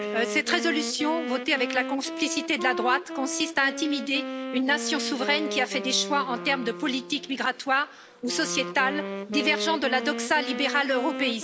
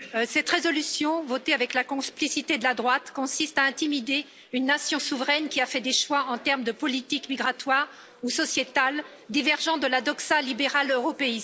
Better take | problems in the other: second | background sound (Wind instrument, woodwind instrument); 7 dB below the speech

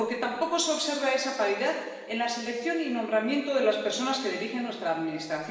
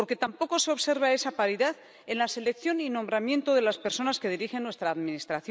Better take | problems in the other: second | room echo; dies away in 1.2 s

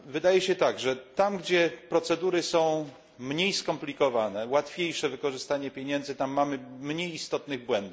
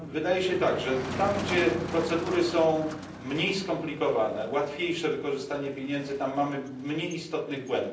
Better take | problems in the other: first | background sound (Motor vehicle (road)); 11 dB below the speech // room echo; dies away in 0.6 s

